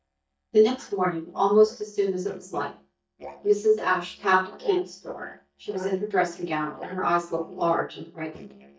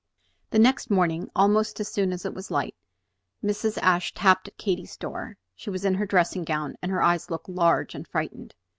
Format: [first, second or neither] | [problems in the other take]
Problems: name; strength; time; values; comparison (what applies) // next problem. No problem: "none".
second | noise reduction (neural mask model DeepFilterNet 3)